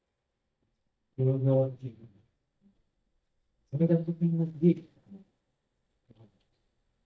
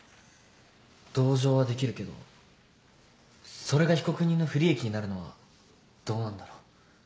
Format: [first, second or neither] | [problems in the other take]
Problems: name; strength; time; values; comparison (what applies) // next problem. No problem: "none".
second | noise reduction (neural mask model DeepFilterNet 3)